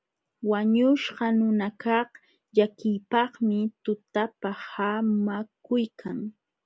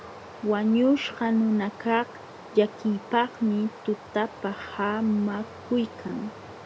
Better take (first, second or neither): first